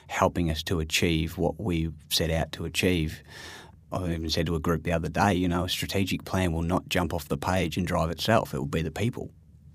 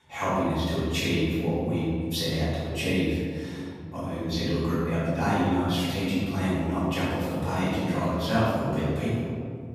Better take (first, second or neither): first